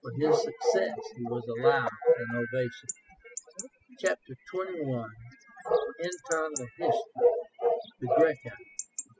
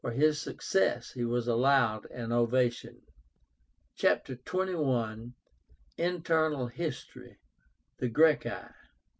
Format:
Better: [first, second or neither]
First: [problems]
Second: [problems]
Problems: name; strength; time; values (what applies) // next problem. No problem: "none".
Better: second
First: noise reduction (classical method spectral subtraction)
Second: none